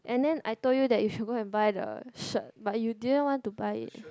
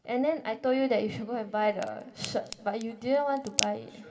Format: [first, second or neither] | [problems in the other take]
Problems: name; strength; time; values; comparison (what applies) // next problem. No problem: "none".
first | background sound (Crack); 9 dB below the speech // room echo; dies away in 2 s